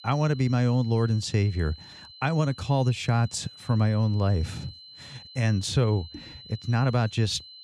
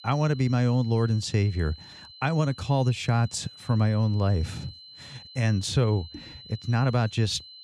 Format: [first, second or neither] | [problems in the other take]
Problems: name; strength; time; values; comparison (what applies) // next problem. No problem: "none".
neither | high-pitched whine; noticeable; throughout; 4 kHz, 20 dB below the speech; the same in both